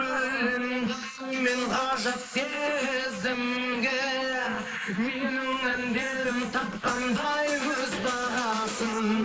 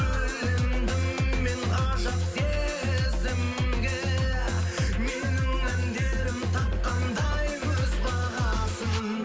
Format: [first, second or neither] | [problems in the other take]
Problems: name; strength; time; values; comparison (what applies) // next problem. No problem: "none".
second | noise reduction (neural mask model Resemble Enhance denoiser)